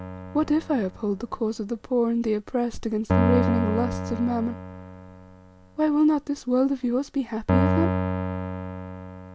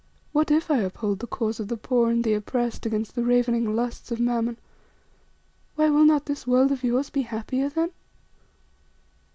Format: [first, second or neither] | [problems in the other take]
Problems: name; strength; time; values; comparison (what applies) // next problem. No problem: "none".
second | background sound (Keyboard (musical)); 3 dB below the speech